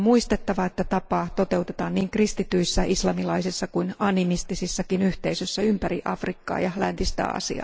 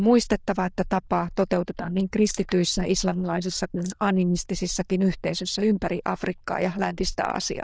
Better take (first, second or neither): first